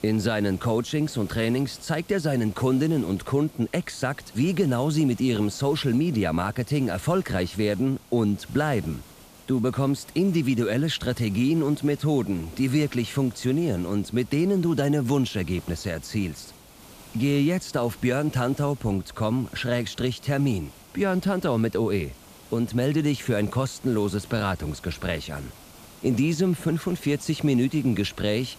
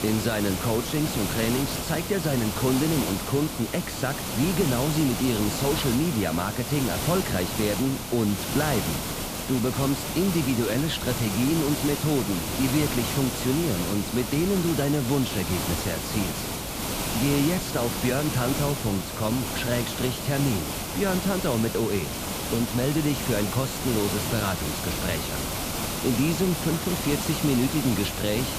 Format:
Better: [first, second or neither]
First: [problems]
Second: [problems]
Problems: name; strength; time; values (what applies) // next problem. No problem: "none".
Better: first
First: hiss; faint; throughout; 20 dB below the speech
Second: hiss; loud; throughout; 3 dB below the speech